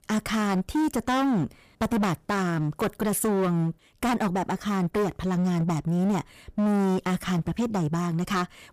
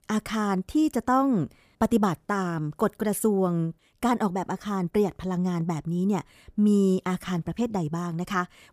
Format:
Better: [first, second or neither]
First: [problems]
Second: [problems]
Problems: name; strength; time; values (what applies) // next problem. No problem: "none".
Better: second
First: distortion; heavy; 21% of the sound clipped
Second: none